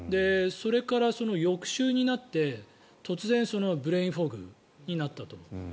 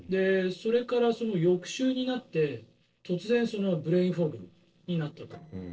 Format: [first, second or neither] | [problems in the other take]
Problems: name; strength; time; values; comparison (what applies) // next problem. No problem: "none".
first | noise reduction (neural separator model SepFormer DNS4)